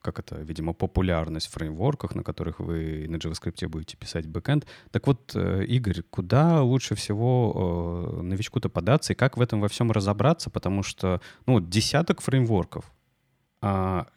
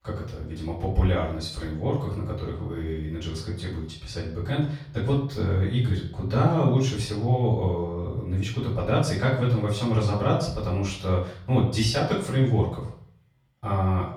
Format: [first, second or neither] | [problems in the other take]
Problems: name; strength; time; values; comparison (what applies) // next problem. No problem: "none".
first | off-mic speech; far // room echo; noticeable; dies away in 0.5 s